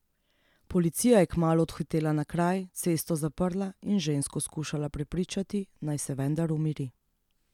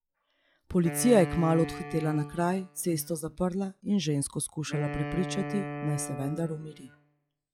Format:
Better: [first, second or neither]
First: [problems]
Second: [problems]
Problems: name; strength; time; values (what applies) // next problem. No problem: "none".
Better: first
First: none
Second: noise reduction (classical method log-MMSE)